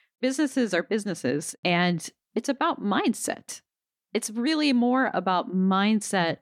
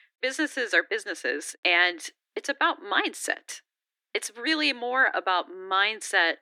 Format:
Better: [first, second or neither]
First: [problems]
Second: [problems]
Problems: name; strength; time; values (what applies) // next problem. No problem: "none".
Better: first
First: none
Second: thin; very; fading below 300 Hz